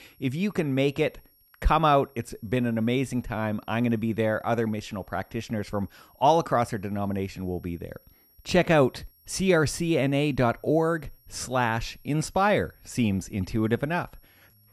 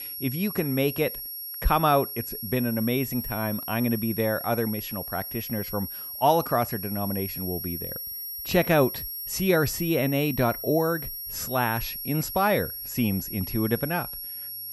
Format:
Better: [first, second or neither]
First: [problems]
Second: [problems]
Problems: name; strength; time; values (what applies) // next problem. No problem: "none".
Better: first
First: high-pitched whine; faint; throughout; 11.5 kHz, 30 dB below the speech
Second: high-pitched whine; loud; throughout; 11.5 kHz, 6 dB below the speech